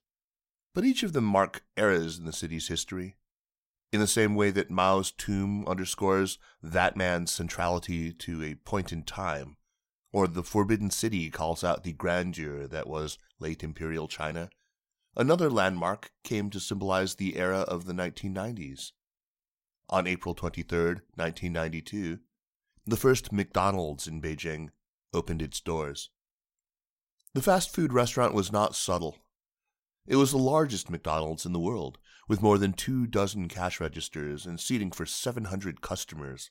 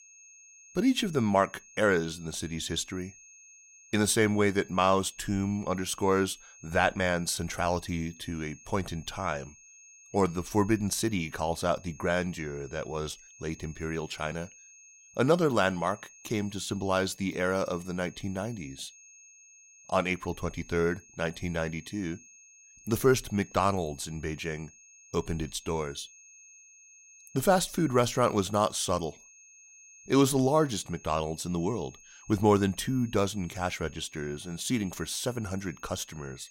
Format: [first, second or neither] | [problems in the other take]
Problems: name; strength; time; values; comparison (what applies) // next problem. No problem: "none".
first | high-pitched whine; faint; throughout; 6.5 kHz, 20 dB below the speech